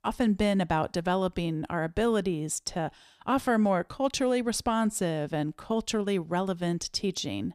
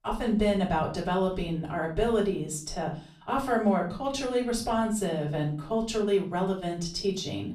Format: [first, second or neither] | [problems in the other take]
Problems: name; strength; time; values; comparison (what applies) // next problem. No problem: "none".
first | off-mic speech; far // room echo; slight; dies away in 0.4 s